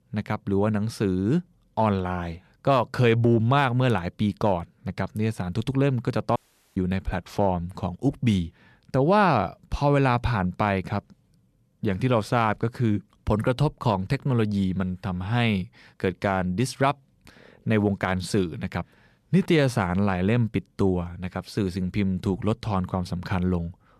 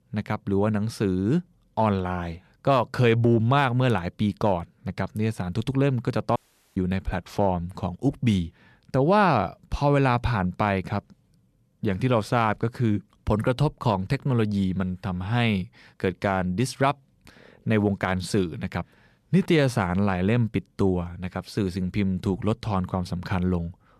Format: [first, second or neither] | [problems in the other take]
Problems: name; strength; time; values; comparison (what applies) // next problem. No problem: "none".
neither | audio cutting out; at 6.5 s; the same in both